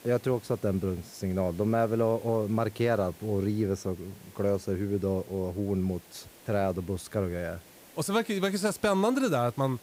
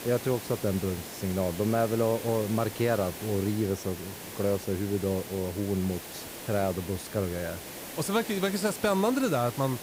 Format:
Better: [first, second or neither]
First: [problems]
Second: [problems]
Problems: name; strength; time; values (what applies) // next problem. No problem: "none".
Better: first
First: hiss; faint; throughout; 25 dB below the speech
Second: hiss; loud; throughout; 10 dB below the speech